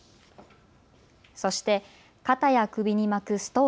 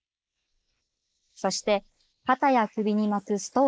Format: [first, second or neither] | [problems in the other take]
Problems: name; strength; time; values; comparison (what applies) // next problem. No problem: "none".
first | noise reduction (neural mask model Resemble Enhance denoiser)